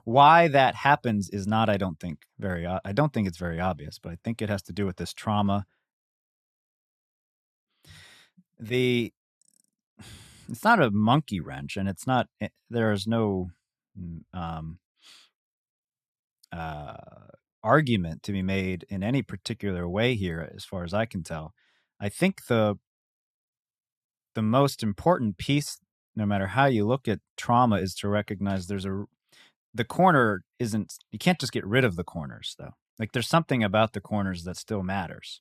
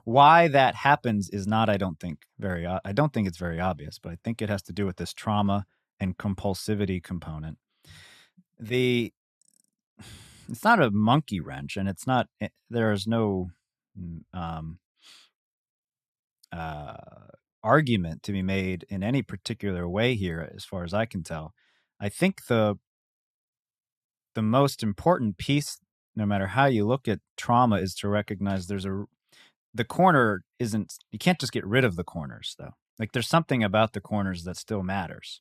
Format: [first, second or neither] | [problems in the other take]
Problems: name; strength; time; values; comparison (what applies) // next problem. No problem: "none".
second | audio freezing; at 6 s for 1.5 s